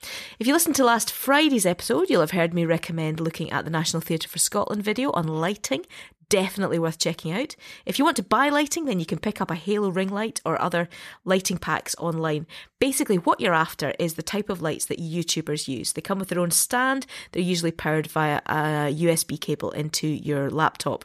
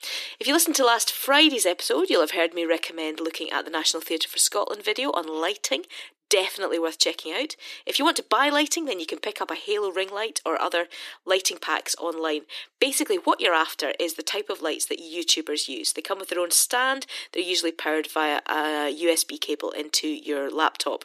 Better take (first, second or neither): first